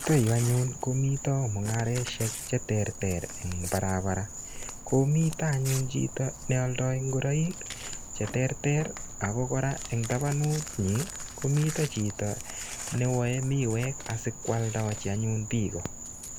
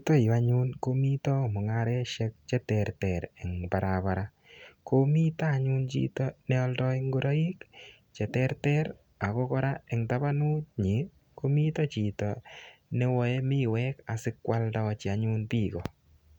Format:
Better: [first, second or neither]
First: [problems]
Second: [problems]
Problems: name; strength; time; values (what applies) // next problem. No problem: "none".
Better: second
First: background sound (Insect + Crumpling, crinkling / Tearing); 10 dB below the speech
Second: none